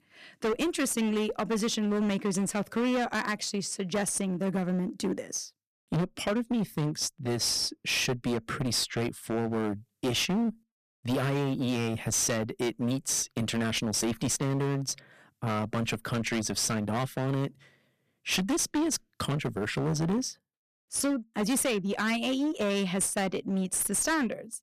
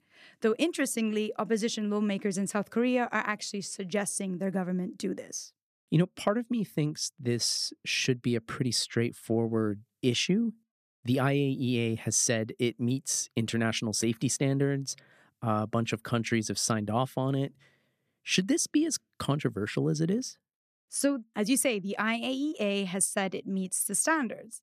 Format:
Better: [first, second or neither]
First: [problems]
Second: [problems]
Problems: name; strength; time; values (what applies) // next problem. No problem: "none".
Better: second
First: distortion; heavy; 18% of the sound clipped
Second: none